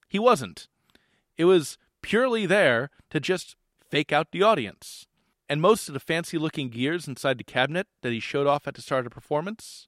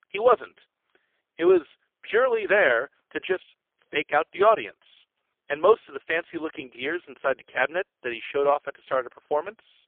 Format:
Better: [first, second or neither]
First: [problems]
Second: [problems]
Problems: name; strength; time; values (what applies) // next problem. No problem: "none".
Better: first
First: none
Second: phone-call audio; poor line; nothing above 3.5 kHz